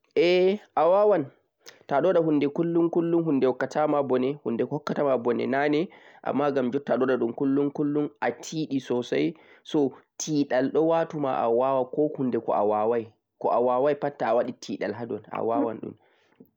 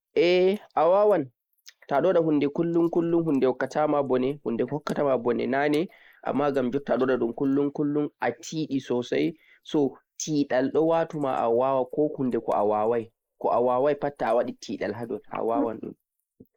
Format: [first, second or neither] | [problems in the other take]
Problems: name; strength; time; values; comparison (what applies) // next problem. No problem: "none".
first | noise reduction (neural mask model Resemble Enhance denoiser)